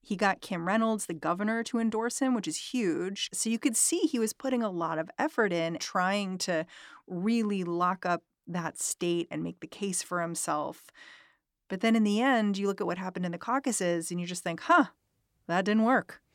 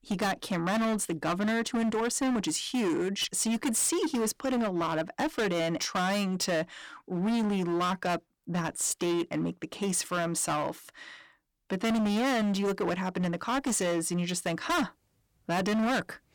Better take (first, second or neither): first